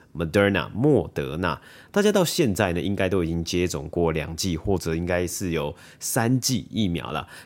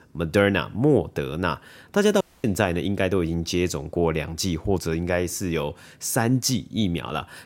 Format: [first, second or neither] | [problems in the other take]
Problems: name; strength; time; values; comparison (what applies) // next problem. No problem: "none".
first | audio cutting out; at 2 s